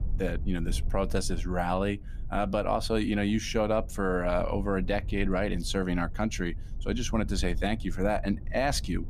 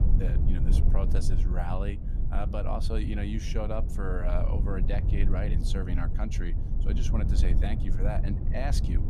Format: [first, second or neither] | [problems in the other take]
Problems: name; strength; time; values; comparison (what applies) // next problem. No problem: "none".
first | low rumble; loud; throughout; 6 dB below the speech; faint in the first